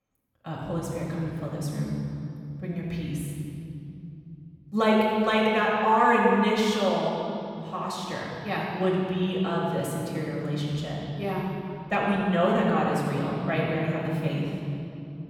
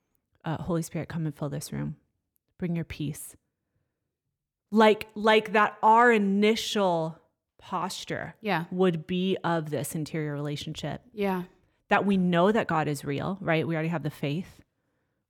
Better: second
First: room echo; strong; dies away in 2.8 s // off-mic speech; far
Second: none

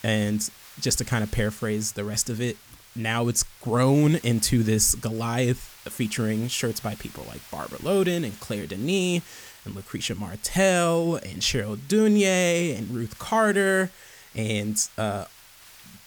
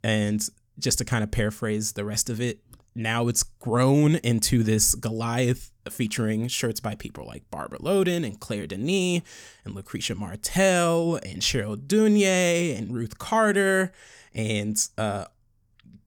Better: second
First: hiss; faint; throughout; 20 dB below the speech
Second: none

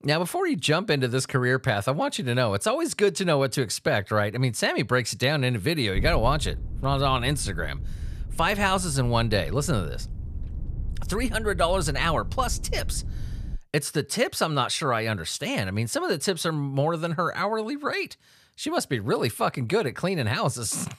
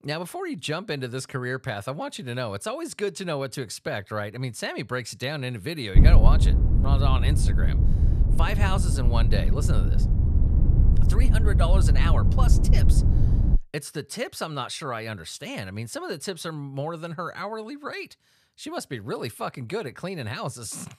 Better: first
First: wind noise on the microphone; occasional gusts; from 6 to 14 s; 25 dB below the speech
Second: wind noise on the microphone; heavy; from 6 to 14 s; 5 dB below the speech

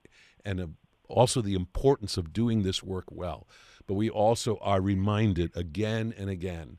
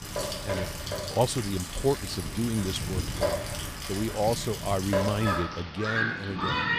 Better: first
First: none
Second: rain or running water; loud; throughout; 1 dB below the speech

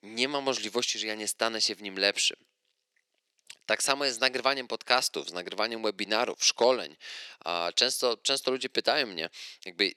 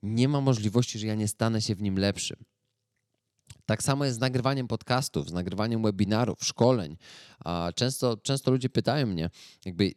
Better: second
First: thin; very; fading below 400 Hz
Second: none

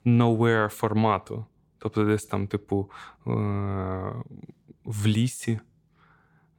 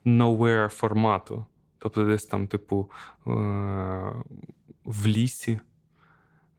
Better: first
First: none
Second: garbled, watery; slightly; nothing above 17.5 kHz

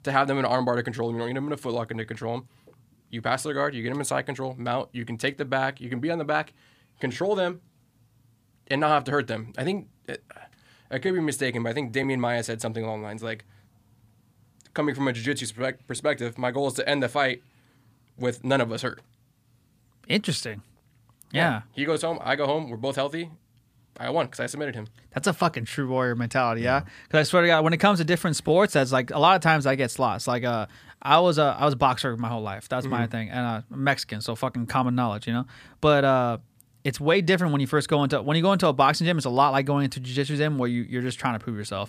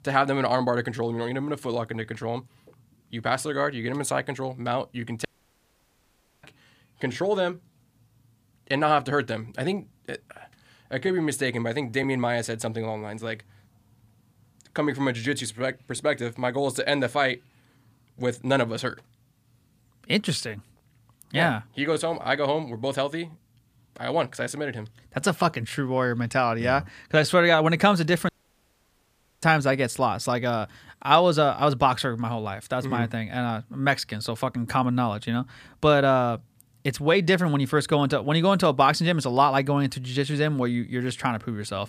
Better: first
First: none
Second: audio cutting out; at 5.5 s for 1 s and at 28 s for 1 s

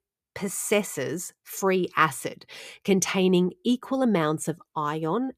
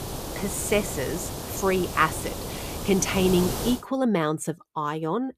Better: first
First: none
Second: hiss; loud; until 3.5 s; 6 dB below the speech

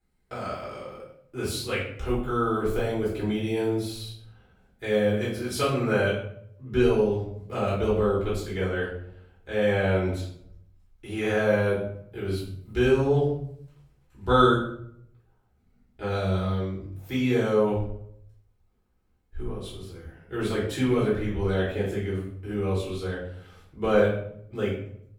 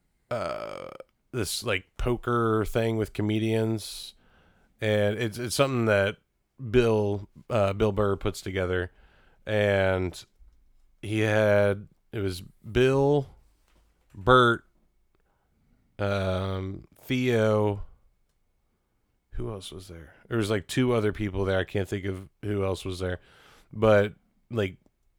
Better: second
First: off-mic speech; far // room echo; noticeable; dies away in 0.6 s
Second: none

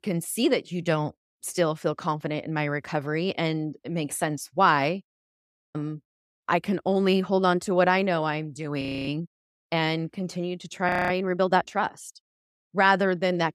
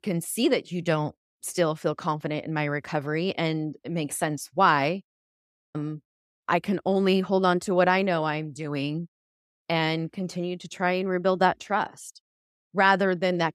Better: second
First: audio freezing; at 9 s and at 11 s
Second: none

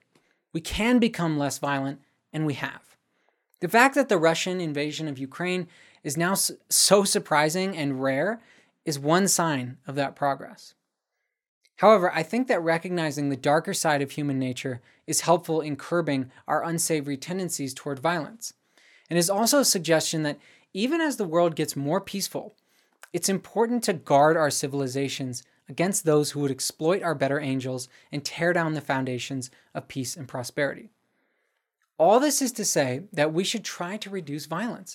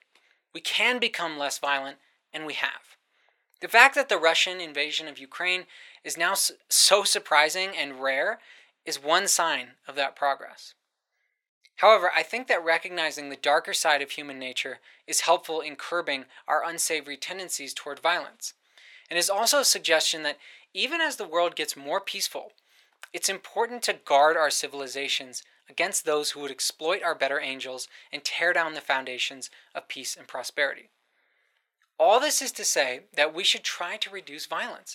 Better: first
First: none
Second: thin; very; fading below 650 Hz

